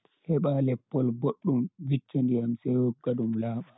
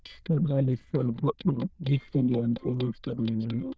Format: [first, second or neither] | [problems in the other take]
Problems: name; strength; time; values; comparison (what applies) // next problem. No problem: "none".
first | noise reduction (neural diffusion model UNIVERSE++)